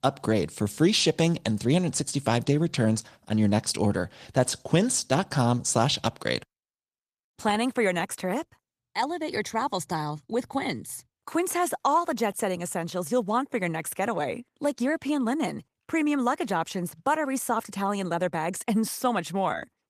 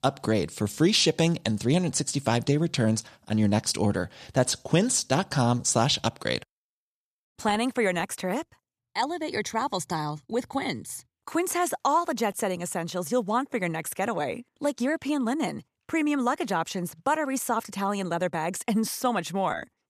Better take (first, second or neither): second